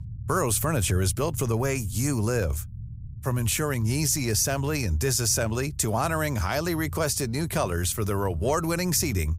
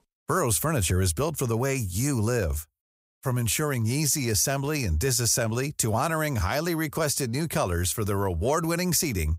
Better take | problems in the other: second | low rumble; faint; throughout; 25 dB below the speech

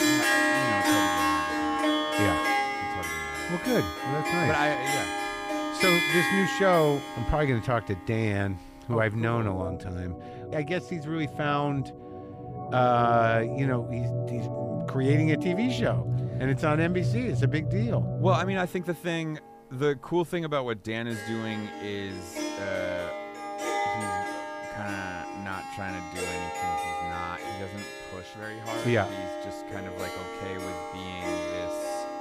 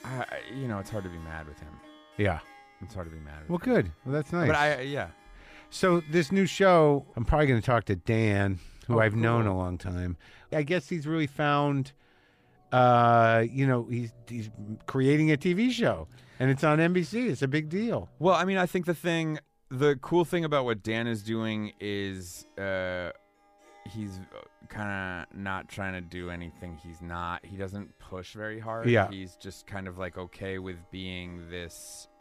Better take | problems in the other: second | background music; loud; throughout; 1 dB below the speech; faint in the second

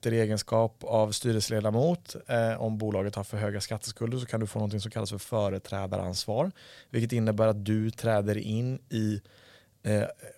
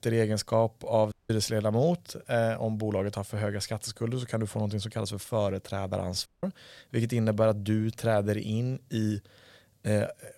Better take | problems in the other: first | audio cutting out; at 1 s and at 6.5 s

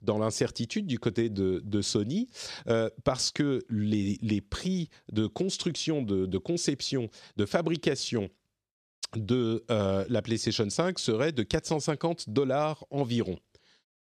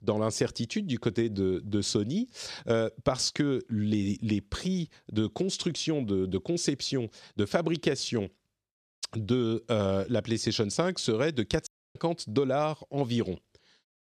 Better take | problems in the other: first | audio cutting out; at 12 s

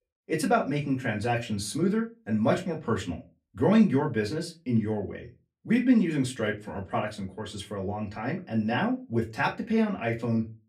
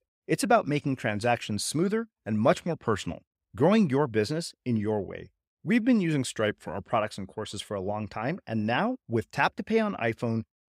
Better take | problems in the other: second | off-mic speech; far // room echo; very slight; dies away in 0.2 s

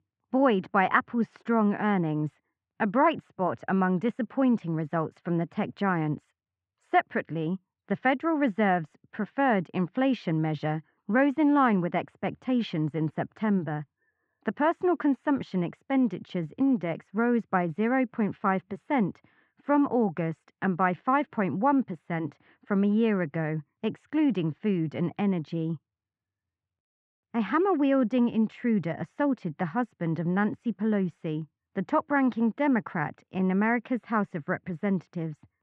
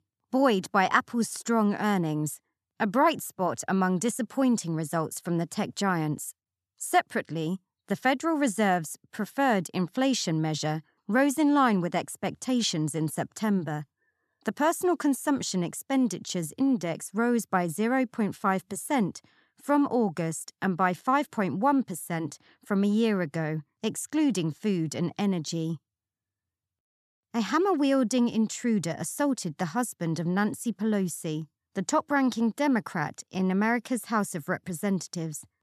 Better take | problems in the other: second | muffled; very; fading above 2.5 kHz

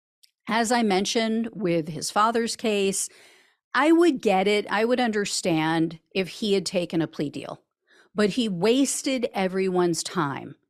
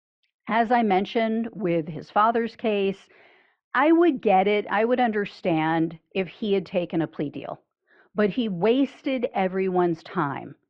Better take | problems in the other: first | muffled; very; fading above 3 kHz

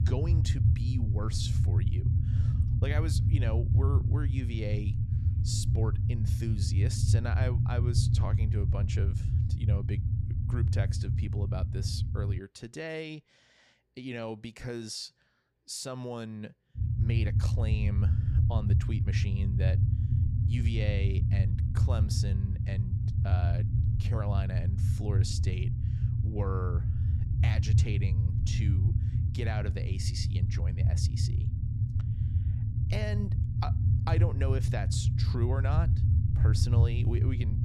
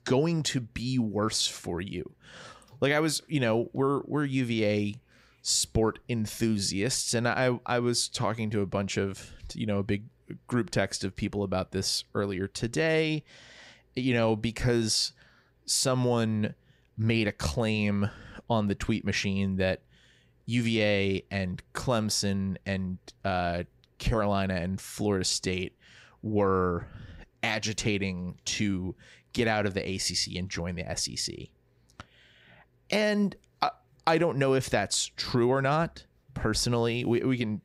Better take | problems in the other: second | low rumble; loud; until 12 s and from 17 s on; 2 dB below the speech

